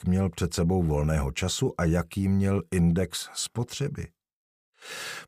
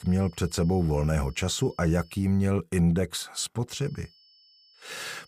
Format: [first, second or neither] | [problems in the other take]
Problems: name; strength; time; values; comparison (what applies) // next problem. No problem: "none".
first | high-pitched whine; faint; until 2.5 s and from 4 s on; 5 kHz, 30 dB below the speech